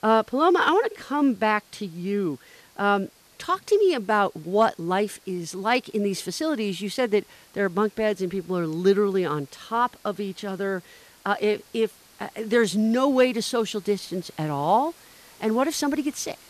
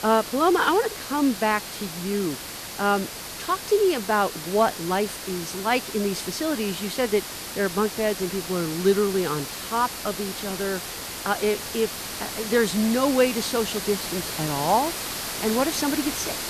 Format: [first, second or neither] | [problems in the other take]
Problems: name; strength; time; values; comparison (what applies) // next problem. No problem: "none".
first | hiss; loud; throughout; 6 dB below the speech; faint in the first